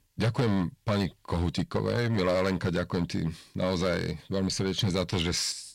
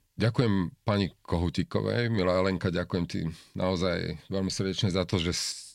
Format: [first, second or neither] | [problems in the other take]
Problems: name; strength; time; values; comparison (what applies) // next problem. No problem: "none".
second | distortion; slight; 7% of the sound clipped